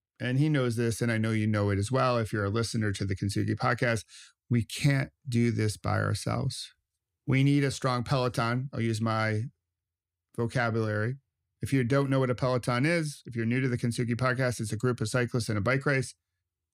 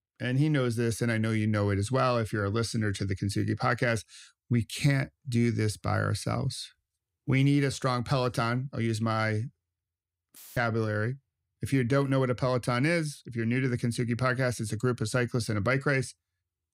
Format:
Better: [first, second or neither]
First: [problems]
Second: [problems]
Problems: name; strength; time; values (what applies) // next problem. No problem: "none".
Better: first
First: none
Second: audio cutting out; filled with static; at 10 s